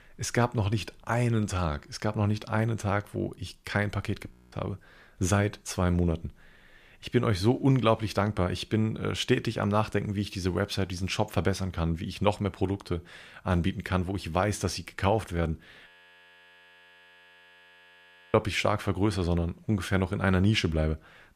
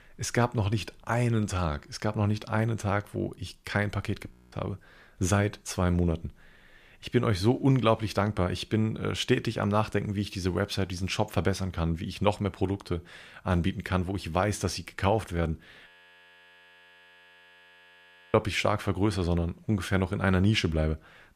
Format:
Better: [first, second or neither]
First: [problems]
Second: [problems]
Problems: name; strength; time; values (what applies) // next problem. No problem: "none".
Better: neither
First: audio freezing; at 4.5 s and at 16 s for 2.5 s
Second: audio freezing; at 4.5 s and at 16 s for 2.5 s